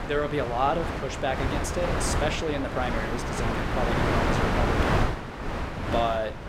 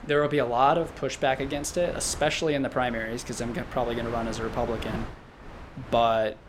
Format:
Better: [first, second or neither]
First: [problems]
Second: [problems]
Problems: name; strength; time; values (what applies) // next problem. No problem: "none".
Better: second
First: wind noise on the microphone; heavy; as loud as the speech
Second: wind noise on the microphone; occasional gusts; 15 dB below the speech